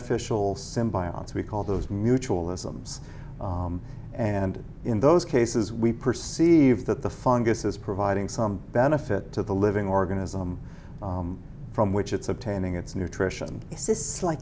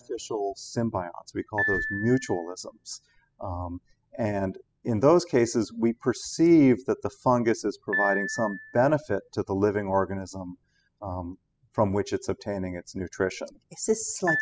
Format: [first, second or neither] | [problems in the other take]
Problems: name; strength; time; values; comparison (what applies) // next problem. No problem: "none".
first | noise reduction (classical method spectral subtraction)